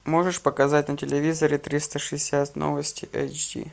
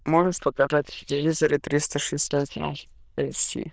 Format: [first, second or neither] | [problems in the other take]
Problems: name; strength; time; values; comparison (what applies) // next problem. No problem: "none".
first | noise reduction (neural diffusion model UNIVERSE++)